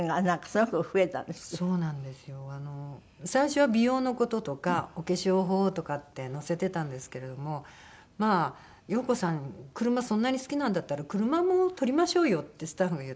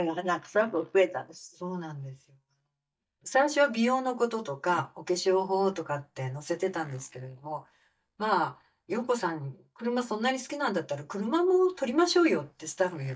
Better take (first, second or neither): first